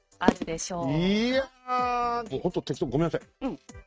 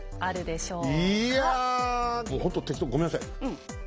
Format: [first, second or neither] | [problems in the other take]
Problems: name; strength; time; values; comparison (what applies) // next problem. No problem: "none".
second | noise reduction (neural mask model RNNoise)